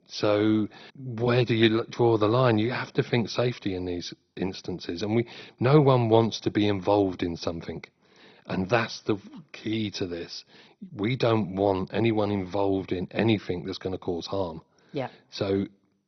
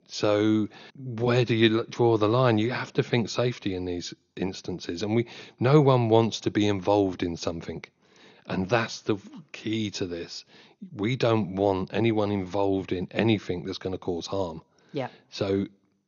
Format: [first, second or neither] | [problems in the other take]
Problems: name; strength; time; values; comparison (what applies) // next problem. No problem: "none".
second | garbled, watery; badly; nothing above 6 kHz; slightly in the second